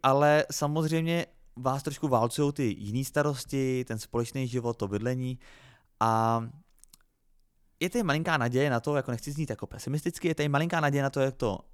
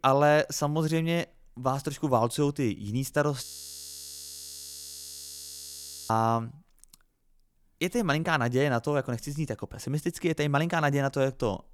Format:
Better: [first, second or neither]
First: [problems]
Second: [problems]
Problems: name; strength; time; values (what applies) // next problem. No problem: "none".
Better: first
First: none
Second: audio freezing; at 3.5 s for 2.5 s